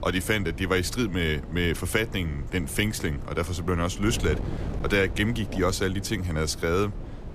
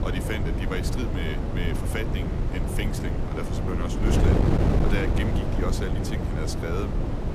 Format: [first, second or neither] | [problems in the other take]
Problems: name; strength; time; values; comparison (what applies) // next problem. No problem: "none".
first | wind noise on the microphone; heavy; 1 dB above the speech; occasional gusts in the first